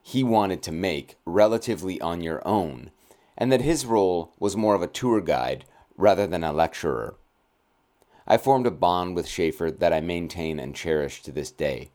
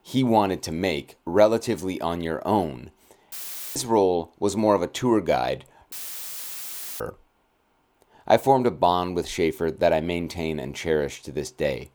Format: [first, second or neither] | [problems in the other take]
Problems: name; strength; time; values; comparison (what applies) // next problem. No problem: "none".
first | audio cutting out; filled with static; at 3.5 s and at 6 s for 1 s